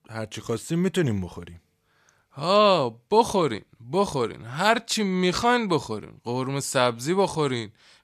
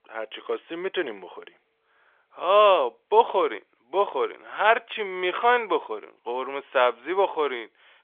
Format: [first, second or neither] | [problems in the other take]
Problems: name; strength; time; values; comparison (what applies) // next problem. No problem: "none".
first | phone-call audio; nothing above 3.5 kHz